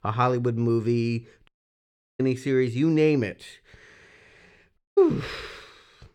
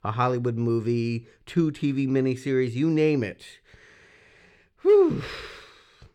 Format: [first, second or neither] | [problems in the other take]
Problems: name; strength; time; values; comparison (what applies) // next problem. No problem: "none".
second | audio cutting out; at 1.5 s for 0.5 s and at 5 s